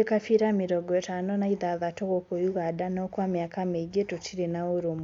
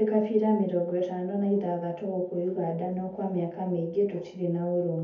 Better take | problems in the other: first | room echo; dies away in 0.5 s

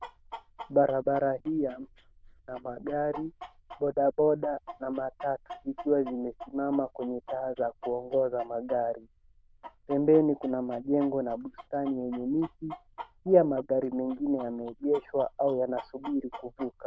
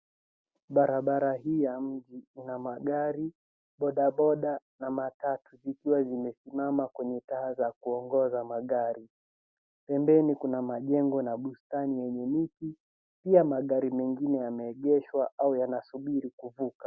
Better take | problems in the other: second | noise reduction (neural diffusion model UNIVERSE++)

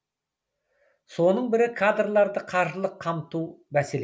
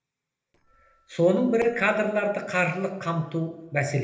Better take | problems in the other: first | noise reduction (neural separator model SepFormer DNS4)

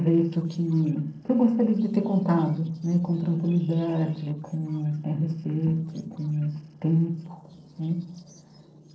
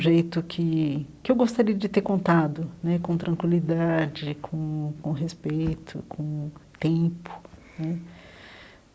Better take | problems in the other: second | noise reduction (neural separator model SepFormer DNS4)

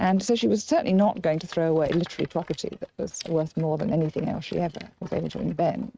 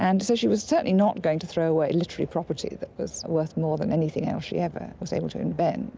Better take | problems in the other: second | noise reduction (neural mask model RNNoise)

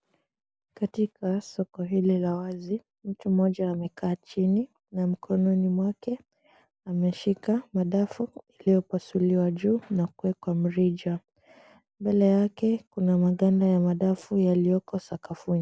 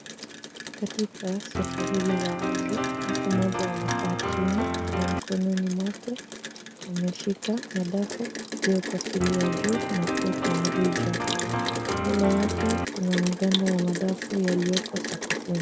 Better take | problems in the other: first | background sound (Rain + Piano); 2 dB below the speech

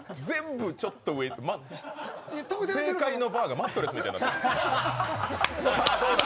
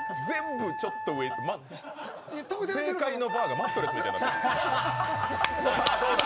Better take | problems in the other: first | background sound (Wind instrument, woodwind instrument); 4 dB below the speech

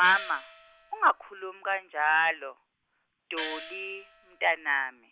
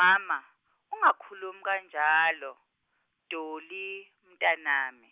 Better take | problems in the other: second | background sound (Gong); 12 dB below the speech

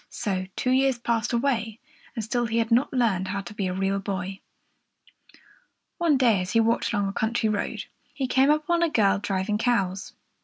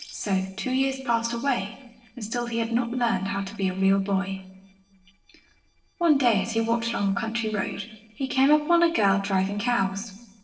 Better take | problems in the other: first | noise reduction (neural separator model SepFormer DNS4)

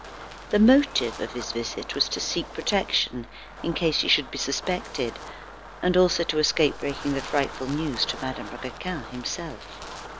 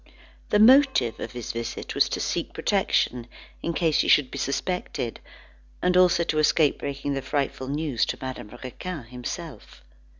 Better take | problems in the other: second | background sound (Wind); 14 dB below the speech

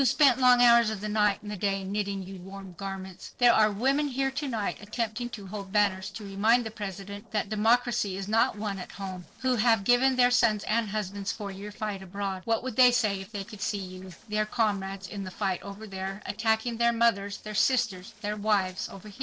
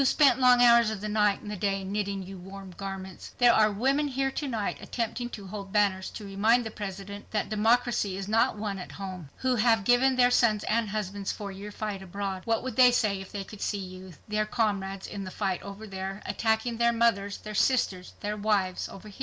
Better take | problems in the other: second | noise reduction (neural separator model SepFormer DNS4)

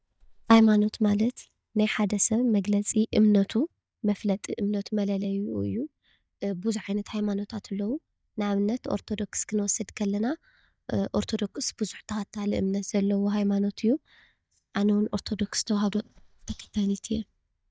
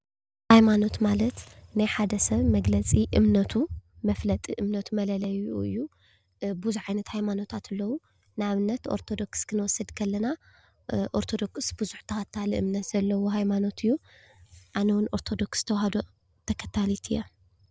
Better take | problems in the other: second | noise reduction (neural mask model DeepFilterNet 3)

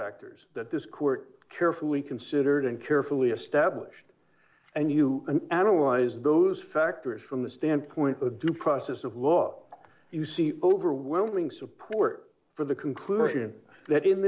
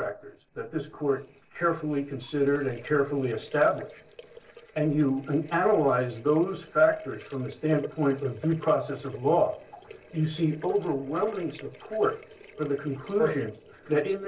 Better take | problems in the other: first | noise reduction (neural separator model SepFormer DNS4)

